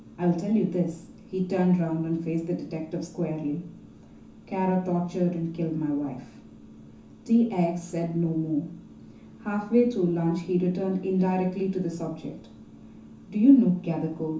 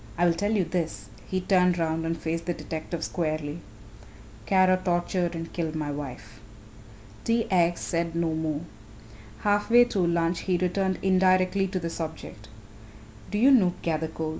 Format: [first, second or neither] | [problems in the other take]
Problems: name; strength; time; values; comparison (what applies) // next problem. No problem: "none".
second | room echo; dies away in 0.9 s